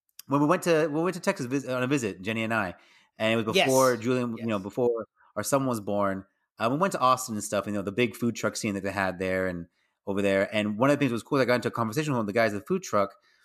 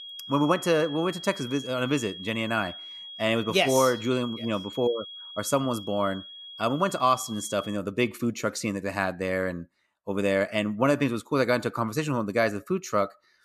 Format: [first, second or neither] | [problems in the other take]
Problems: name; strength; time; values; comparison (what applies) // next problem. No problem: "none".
first | high-pitched whine; noticeable; until 8 s; 3.5 kHz, 10 dB below the speech